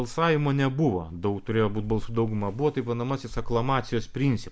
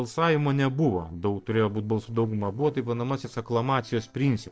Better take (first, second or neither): first